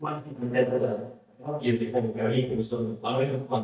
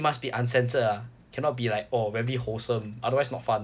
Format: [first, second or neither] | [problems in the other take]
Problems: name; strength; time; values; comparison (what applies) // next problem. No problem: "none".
second | noise reduction (neural mask model DeepFilterNet 3)